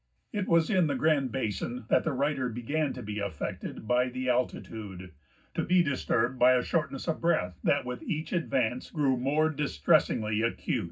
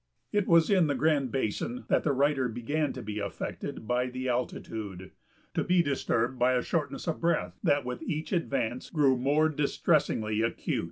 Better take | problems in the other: second | room echo; dies away in 0.4 s

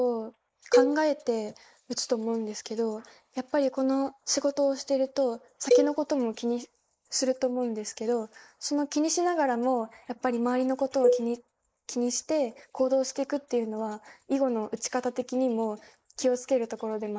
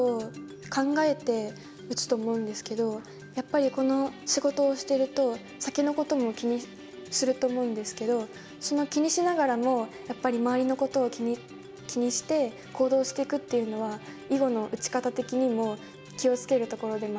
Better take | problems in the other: second | noise reduction (neural mask model Resemble Enhance denoiser)

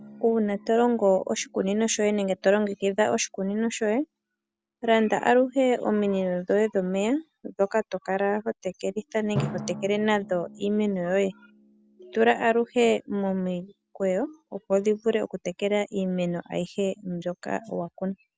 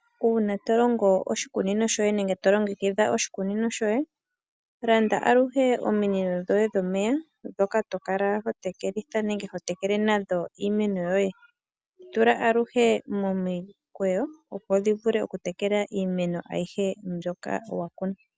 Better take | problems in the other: second | background sound (Drum); 19 dB below the speech

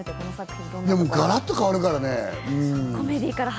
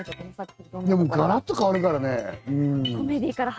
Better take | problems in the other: first | noise reduction (neural mask model RNNoise)

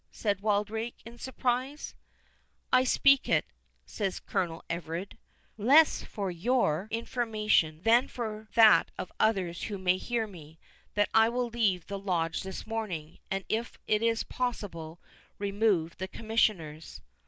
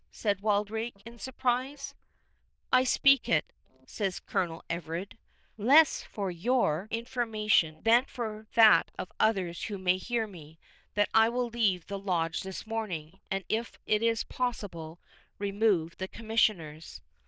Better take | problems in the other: first | noise reduction (neural diffusion model UNIVERSE++)

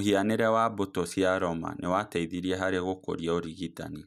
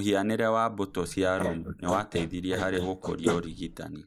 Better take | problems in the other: first | noise reduction (neural mask model Resemble Enhance denoiser)

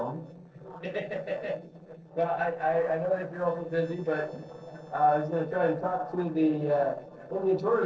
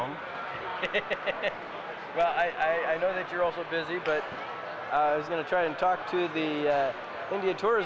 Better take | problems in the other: second | noise reduction (neural separator model SepFormer DNS4)

